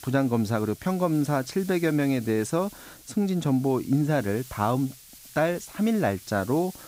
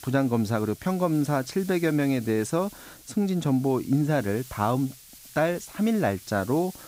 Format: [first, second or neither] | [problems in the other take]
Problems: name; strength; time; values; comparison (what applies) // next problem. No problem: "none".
neither | hiss; noticeable; throughout; 20 dB below the speech; the same in both